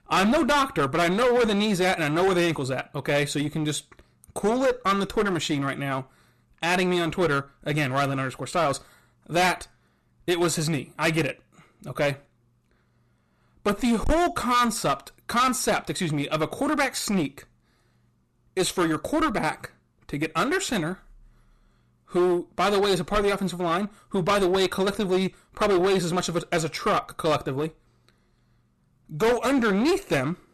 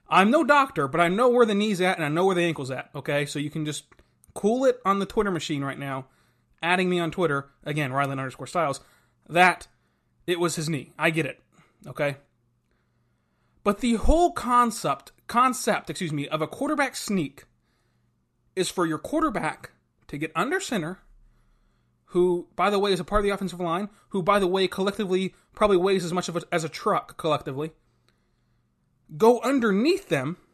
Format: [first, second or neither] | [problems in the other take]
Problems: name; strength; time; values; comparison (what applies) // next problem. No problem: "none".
second | distortion; heavy; 13% of the sound clipped